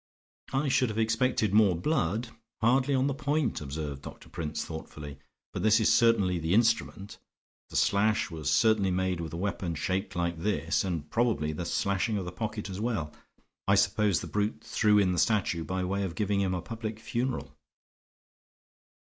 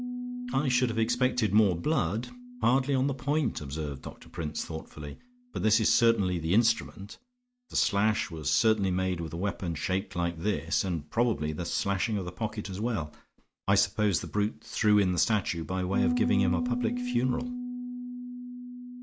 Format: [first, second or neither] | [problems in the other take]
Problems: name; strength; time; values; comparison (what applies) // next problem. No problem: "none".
first | background sound (Piano); 10 dB below the speech